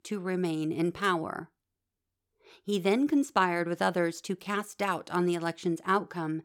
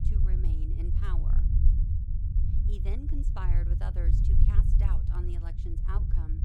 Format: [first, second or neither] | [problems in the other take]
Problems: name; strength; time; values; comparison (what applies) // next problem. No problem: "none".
first | low rumble; loud; throughout; as loud as the speech